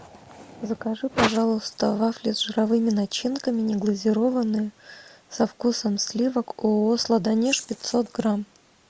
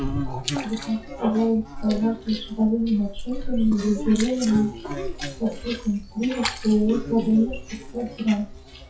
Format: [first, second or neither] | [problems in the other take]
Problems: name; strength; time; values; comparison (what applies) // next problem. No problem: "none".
first | noise reduction (classical method WPE with log-MMSE)